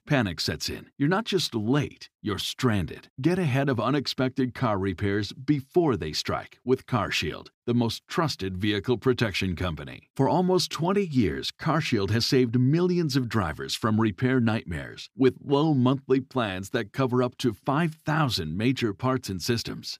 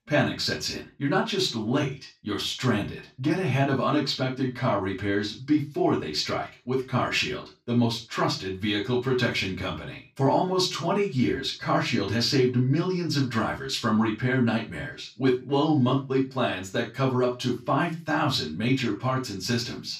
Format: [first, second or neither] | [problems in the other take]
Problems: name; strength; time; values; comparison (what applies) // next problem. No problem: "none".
first | room echo; slight; dies away in 0.2 s // off-mic speech; far